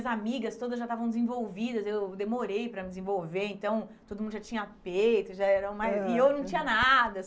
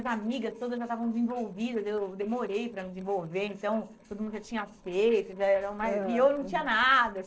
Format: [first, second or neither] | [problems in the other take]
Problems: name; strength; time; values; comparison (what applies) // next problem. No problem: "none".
first | noise reduction (neural separator model SepFormer DNS4)